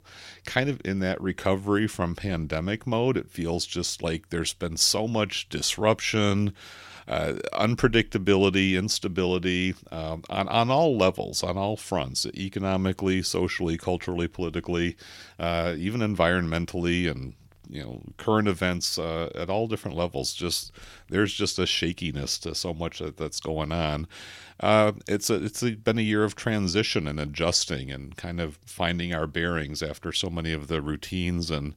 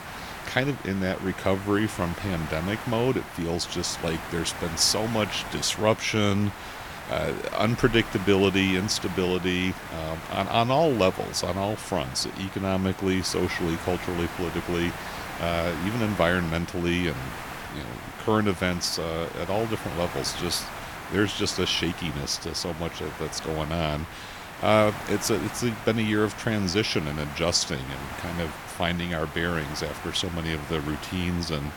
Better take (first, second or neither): first